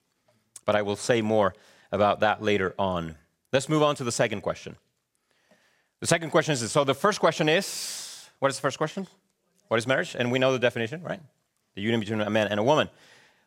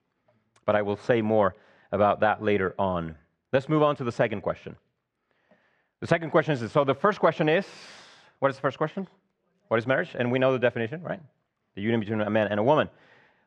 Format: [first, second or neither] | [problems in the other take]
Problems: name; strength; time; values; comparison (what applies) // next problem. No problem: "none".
first | muffled; very; fading above 2 kHz